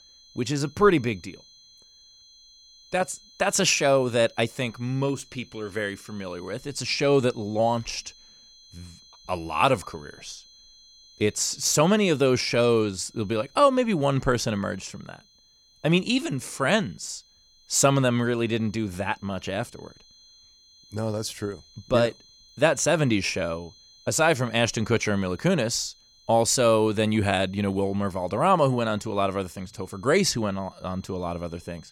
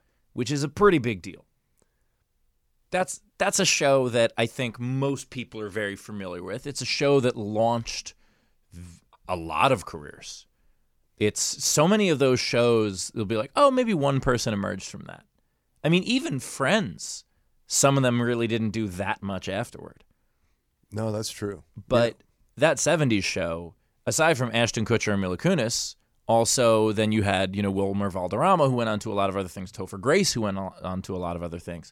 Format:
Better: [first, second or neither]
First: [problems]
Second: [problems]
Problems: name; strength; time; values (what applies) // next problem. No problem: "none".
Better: second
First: high-pitched whine; faint; throughout; 4 kHz, 30 dB below the speech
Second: none